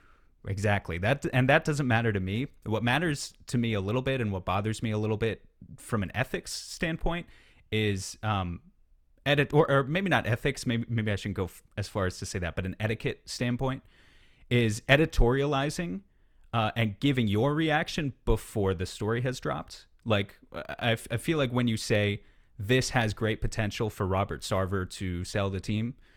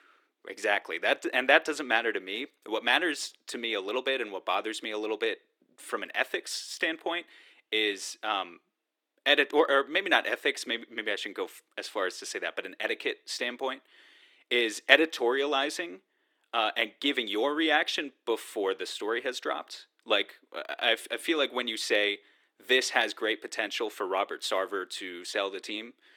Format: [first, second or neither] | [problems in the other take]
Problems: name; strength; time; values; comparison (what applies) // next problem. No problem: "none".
first | thin; very; fading below 300 Hz